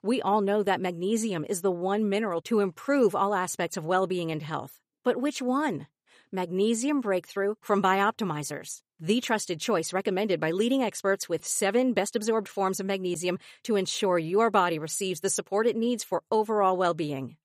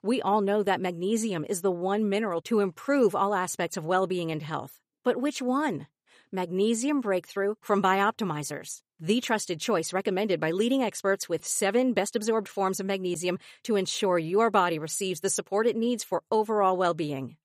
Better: neither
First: none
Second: none

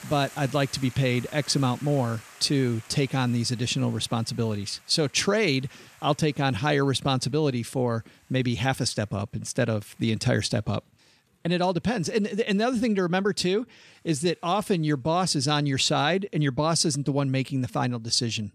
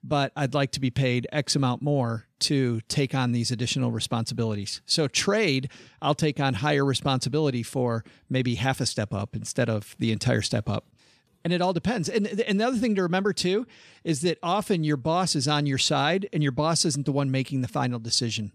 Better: second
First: hiss; faint; throughout; 25 dB below the speech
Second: none

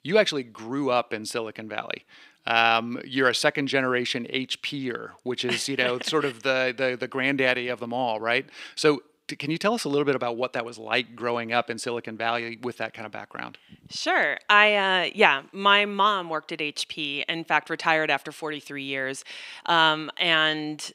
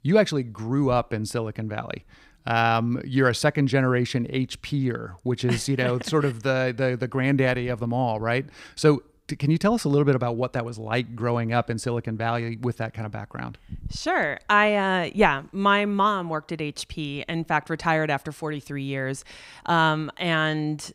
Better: second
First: thin; somewhat; fading below 300 Hz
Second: none

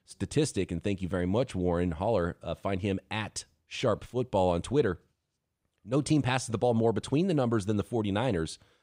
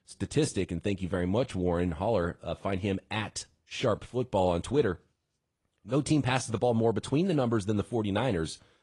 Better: first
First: none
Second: garbled, watery; slightly; nothing above 10 kHz

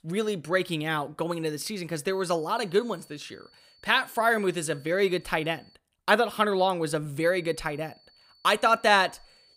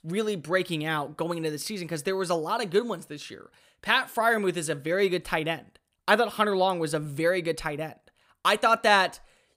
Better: second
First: high-pitched whine; faint; from 2.5 to 6 s and from 7 s on; 4.5 kHz, 30 dB below the speech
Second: none

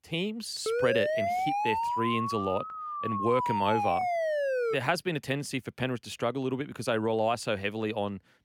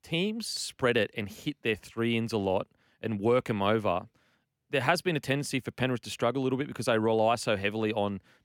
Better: second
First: siren; loud; from 0.5 to 5 s; peak 3 dB above the speech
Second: none

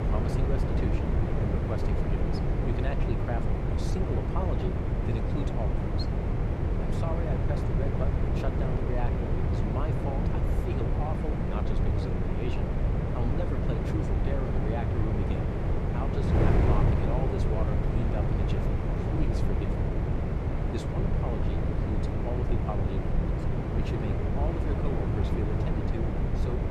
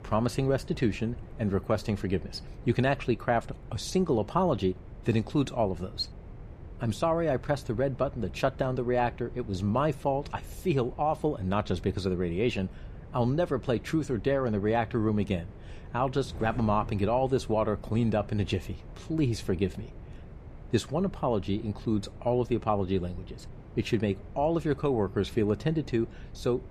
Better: second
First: wind noise on the microphone; heavy; 4 dB above the speech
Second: wind noise on the microphone; occasional gusts; 25 dB below the speech

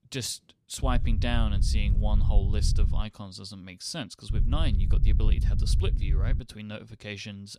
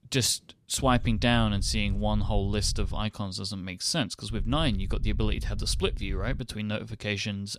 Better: second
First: low rumble; loud; from 1 to 3 s and from 4.5 to 6.5 s; 9 dB below the speech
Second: low rumble; faint; from 1 to 3 s and from 4.5 to 6.5 s; 25 dB below the speech

